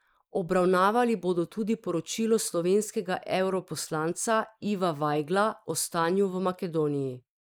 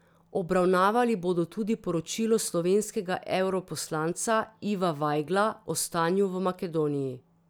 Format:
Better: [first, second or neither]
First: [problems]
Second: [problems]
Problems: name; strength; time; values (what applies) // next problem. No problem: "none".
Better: second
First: noise reduction (neural mask model Resemble Enhance denoiser)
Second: none